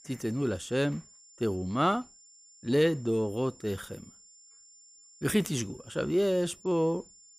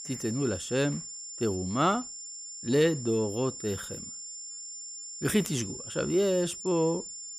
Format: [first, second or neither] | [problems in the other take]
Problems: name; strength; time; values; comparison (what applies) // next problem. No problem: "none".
first | high-pitched whine; loud; throughout; 7 kHz, 9 dB below the speech; faint in the first